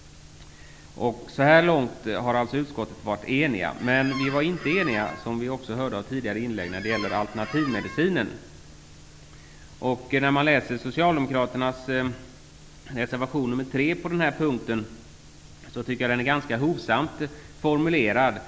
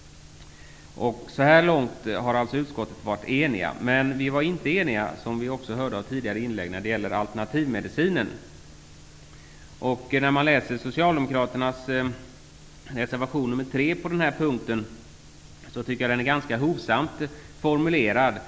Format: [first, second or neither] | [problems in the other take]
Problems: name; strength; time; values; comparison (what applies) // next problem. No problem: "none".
second | background sound (Squeak); 12 dB below the speech